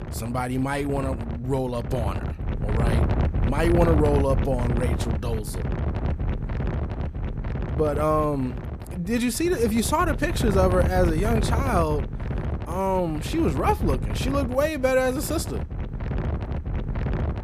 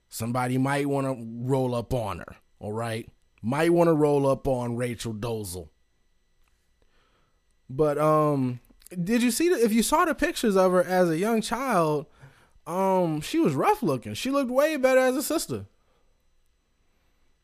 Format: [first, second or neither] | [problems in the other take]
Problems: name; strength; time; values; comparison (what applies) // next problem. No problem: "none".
second | wind noise on the microphone; heavy; 10 dB below the speech